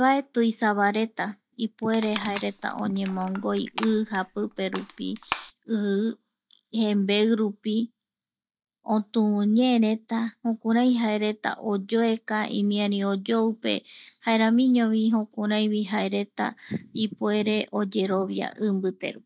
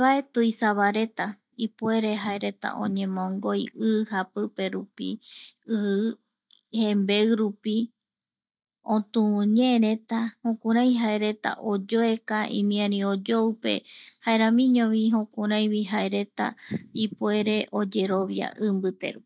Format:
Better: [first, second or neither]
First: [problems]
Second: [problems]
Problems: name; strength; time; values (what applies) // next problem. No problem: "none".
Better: second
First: background sound (Crushing); 14 dB below the speech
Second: none